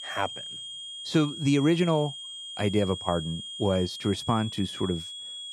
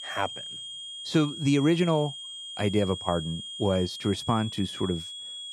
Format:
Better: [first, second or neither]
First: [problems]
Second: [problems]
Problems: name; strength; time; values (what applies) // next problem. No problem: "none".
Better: neither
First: high-pitched whine; loud; throughout; 3 kHz, 9 dB below the speech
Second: high-pitched whine; loud; throughout; 3 kHz, 9 dB below the speech